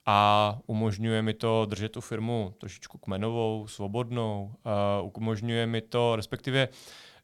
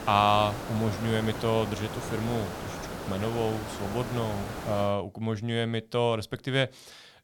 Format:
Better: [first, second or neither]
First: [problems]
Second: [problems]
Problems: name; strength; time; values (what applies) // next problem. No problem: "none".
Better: first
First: none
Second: hiss; loud; until 5 s; 8 dB below the speech